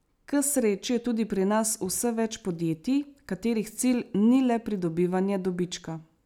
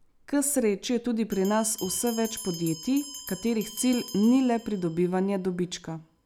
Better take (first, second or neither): first